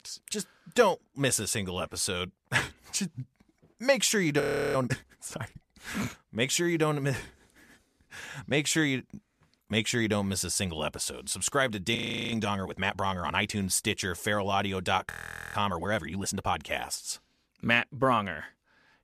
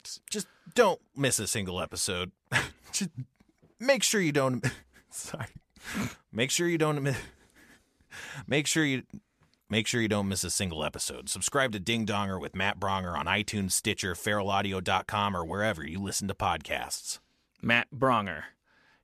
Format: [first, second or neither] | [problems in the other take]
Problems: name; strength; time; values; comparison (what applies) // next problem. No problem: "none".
second | audio freezing; at 4.5 s, at 12 s and at 15 s